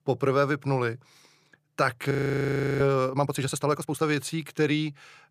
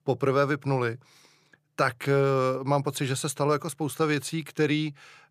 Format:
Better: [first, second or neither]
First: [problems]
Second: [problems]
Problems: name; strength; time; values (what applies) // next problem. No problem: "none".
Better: second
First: audio freezing; at 2 s for 0.5 s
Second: none